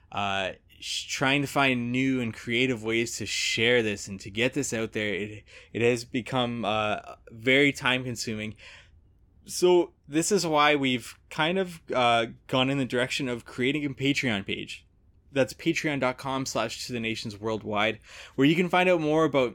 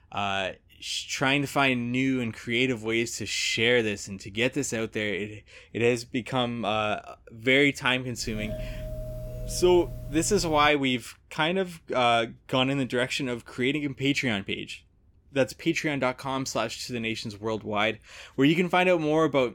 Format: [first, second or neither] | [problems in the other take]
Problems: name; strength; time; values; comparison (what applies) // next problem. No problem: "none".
first | doorbell; faint; from 8 to 11 s; peak 10 dB below the speech